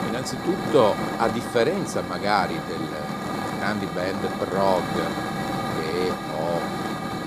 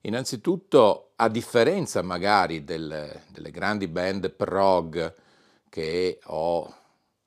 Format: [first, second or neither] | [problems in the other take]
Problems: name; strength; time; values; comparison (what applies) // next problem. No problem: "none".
second | hiss; loud; throughout; 3 dB below the speech